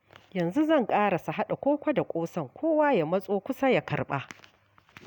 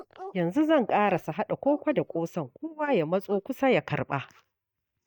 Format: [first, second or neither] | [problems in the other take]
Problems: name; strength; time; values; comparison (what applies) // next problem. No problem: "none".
first | noise reduction (neural mask model DeepFilterNet 3)